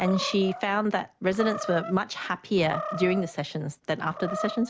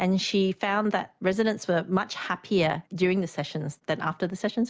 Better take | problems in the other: second | background sound (Animal); 10 dB below the speech

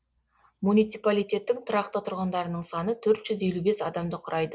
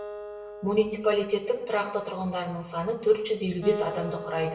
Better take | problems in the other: first | background sound (Acoustic guitar); 12 dB below the speech // room echo; dies away in 0.9 s

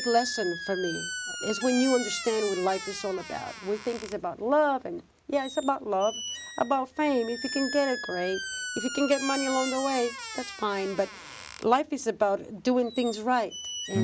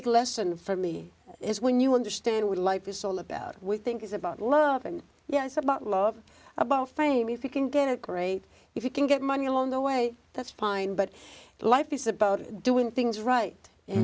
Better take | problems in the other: second | background sound (Squeak); 10 dB below the speech

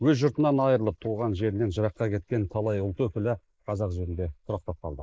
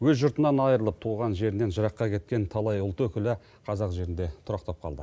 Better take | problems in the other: second | noise reduction (neural mask model Resemble Enhance denoiser)

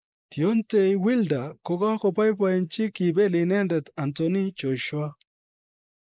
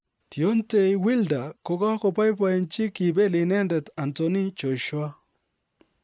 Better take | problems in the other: second | noise reduction (neural mask model Resemble Enhance denoiser)

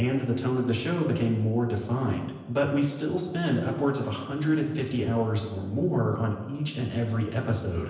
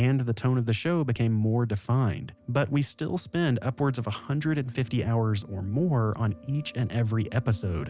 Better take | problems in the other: second | room echo; dies away in 1 s

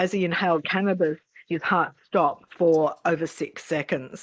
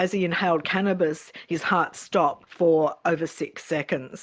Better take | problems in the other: second | noise reduction (neural mask model Resemble Enhance denoiser)

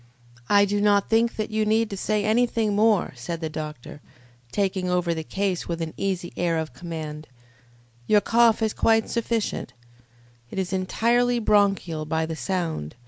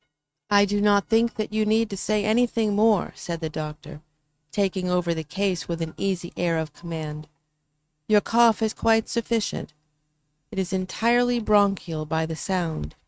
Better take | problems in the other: first | noise reduction (neural mask model RNNoise)

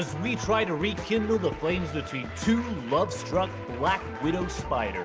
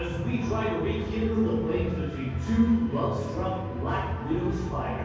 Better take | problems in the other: first | room echo; dies away in 1.3 s

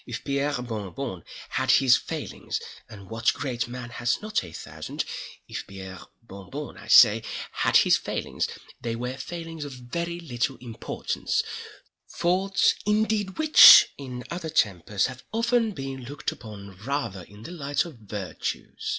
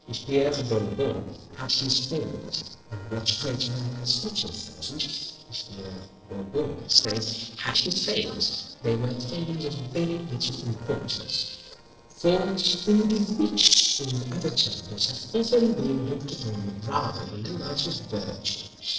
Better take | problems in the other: first | noise reduction (neural separator model SepFormer DNS4)

